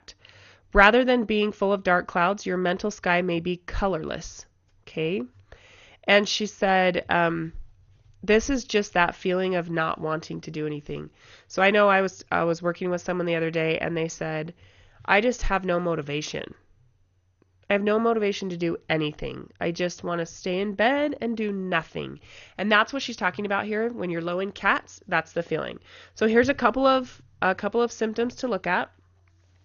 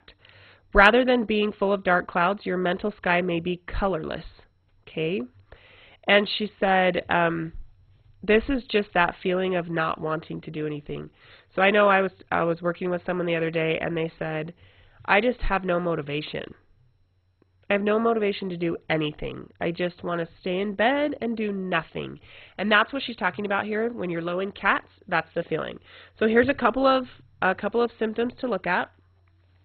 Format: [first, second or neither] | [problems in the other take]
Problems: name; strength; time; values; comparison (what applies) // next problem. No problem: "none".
first | garbled, watery; badly; nothing above 3.5 kHz; slightly in the first